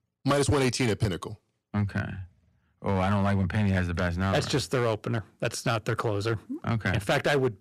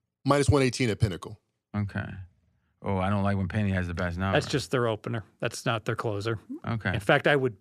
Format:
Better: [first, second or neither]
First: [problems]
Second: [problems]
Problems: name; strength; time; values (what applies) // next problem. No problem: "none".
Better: second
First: distortion; heavy; 7% of the sound clipped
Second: none